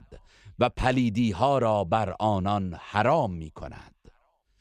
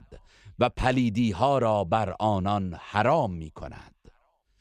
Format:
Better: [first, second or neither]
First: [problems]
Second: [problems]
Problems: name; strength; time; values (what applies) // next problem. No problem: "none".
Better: neither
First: none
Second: none